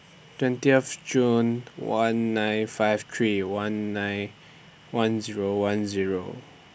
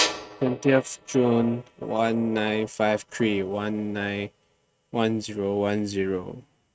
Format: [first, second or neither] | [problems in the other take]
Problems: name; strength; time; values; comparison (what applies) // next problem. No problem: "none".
first | noise reduction (neural mask model RNNoise)